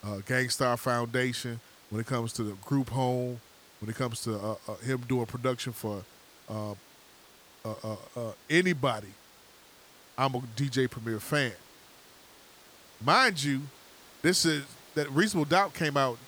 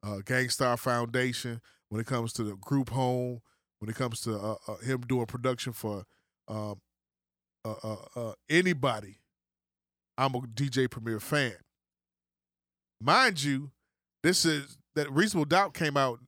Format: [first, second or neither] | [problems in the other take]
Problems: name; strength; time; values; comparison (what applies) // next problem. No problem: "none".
second | hiss; faint; throughout; 25 dB below the speech